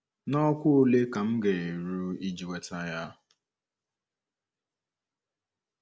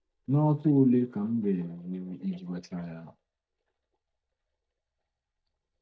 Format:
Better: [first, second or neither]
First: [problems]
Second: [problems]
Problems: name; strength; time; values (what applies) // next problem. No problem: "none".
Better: first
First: none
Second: noise reduction (neural mask model DeepFilterNet 3)